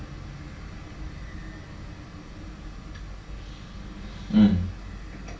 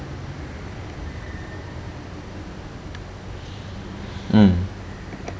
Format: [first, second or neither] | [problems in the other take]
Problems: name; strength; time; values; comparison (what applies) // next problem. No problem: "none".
second | room echo; dies away in 0.2 s